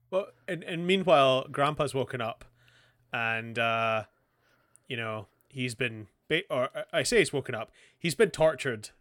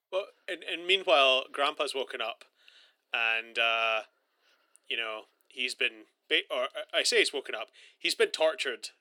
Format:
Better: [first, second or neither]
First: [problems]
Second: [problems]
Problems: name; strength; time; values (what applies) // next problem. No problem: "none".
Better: first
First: none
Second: thin; very; fading below 300 Hz